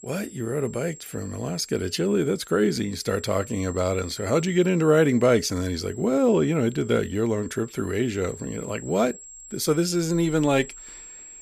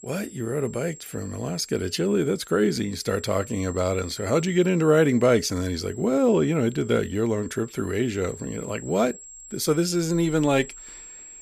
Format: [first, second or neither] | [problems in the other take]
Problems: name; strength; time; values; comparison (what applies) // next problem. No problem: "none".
neither | high-pitched whine; noticeable; throughout; 7.5 kHz, 20 dB below the speech; the same in both